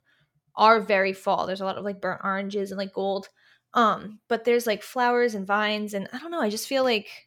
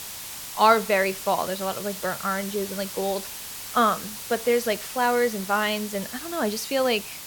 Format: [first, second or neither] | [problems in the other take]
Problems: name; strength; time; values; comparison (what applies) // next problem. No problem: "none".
first | hiss; loud; throughout; 9 dB below the speech